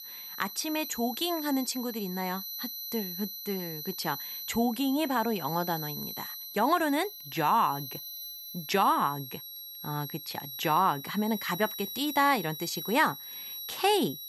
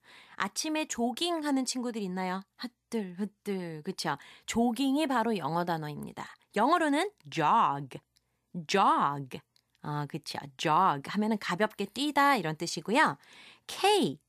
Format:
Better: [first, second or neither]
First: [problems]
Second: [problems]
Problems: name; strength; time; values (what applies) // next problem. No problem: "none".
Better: second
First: high-pitched whine; loud; throughout; 4 kHz, 8 dB below the speech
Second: none